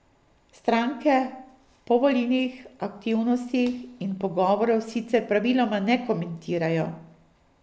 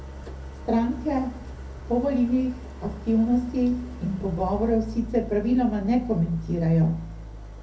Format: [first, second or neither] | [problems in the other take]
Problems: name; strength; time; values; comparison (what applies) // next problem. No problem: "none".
first | background sound (Idling); 12 dB below the speech // room echo; dies away in 0.3 s